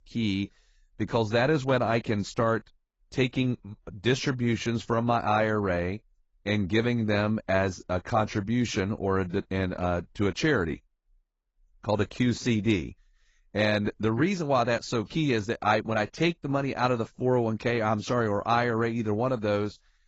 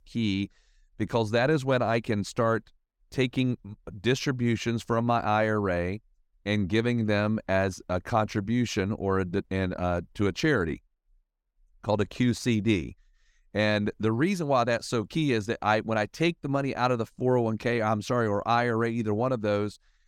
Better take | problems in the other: second | garbled, watery; badly; nothing above 7.5 kHz

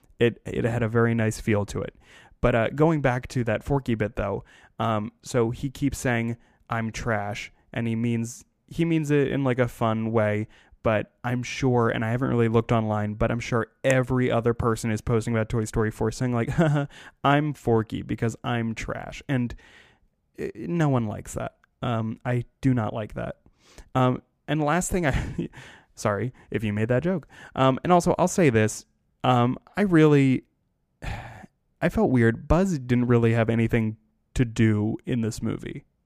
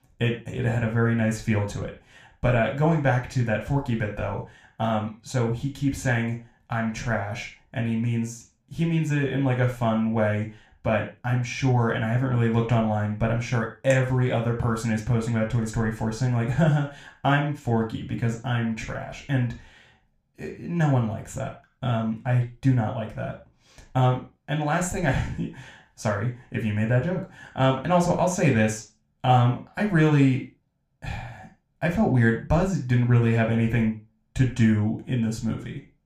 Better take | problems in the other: first | room echo; slight; dies away in 0.3 s // off-mic speech; somewhat distant

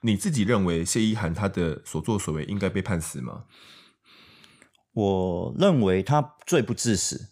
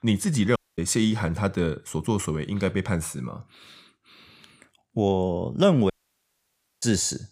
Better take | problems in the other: first | audio cutting out; at 0.5 s and at 6 s for 1 s

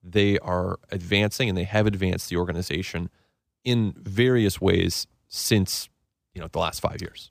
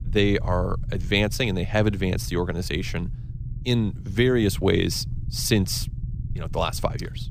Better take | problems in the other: first | low rumble; faint; throughout; 20 dB below the speech

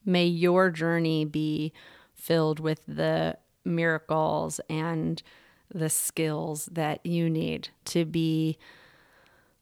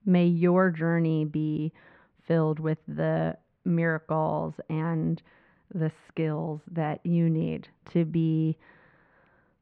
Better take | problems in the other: first | muffled; very; fading above 2 kHz

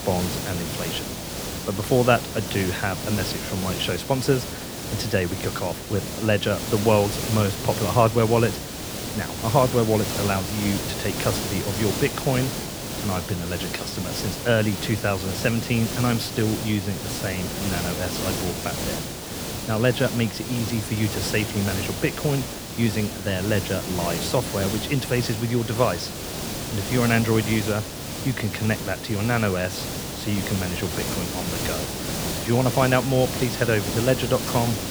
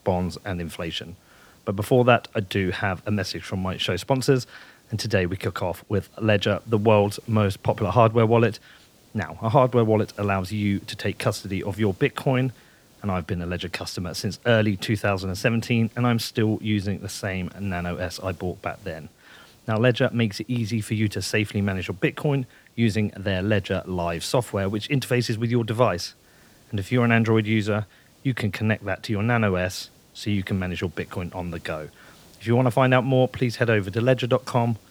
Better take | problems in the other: second | hiss; loud; throughout; 4 dB below the speech; faint in the second

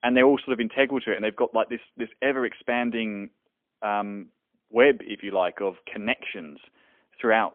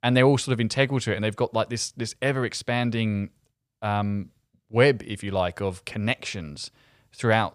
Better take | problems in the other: second | phone-call audio; poor line; nothing above 3.5 kHz

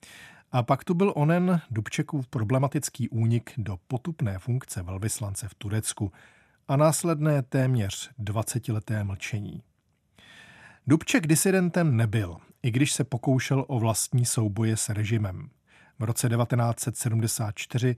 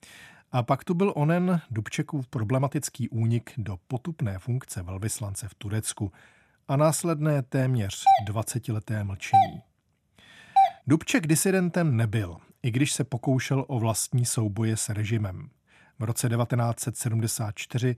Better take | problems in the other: first | doorbell; loud; from 8 to 11 s; peak 6 dB above the speech

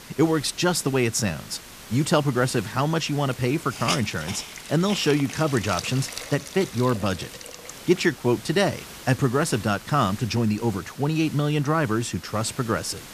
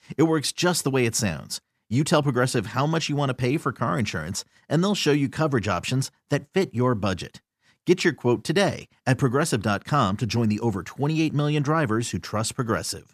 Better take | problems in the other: second | hiss; noticeable; throughout; 15 dB below the speech

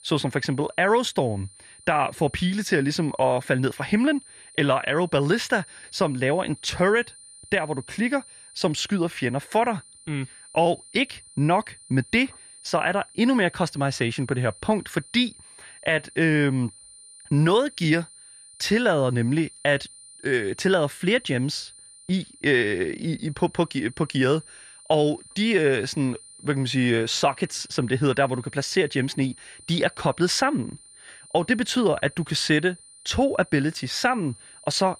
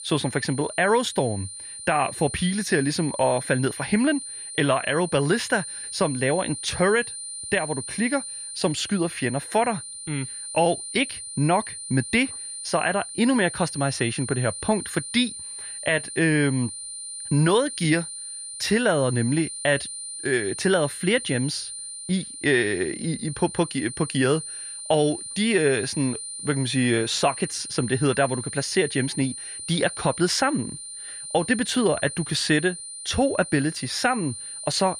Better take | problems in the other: first | high-pitched whine; loud; throughout; 9 kHz, 9 dB below the speech; faint in the first

